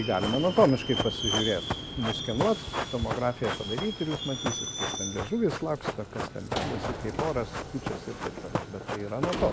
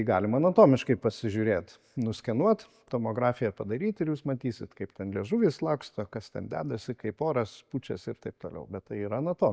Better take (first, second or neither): second